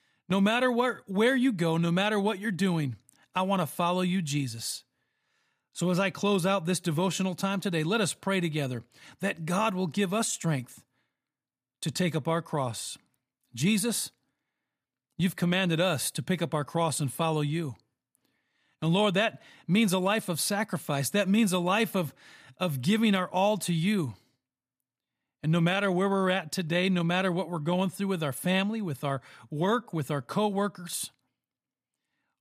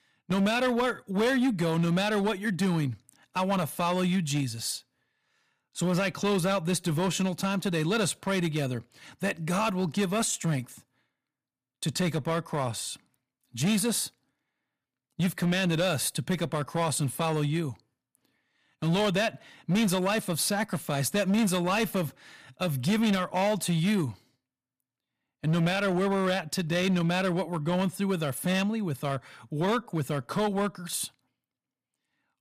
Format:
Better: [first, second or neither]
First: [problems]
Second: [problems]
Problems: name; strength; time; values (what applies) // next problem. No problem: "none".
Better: first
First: none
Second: distortion; slight; 8% of the sound clipped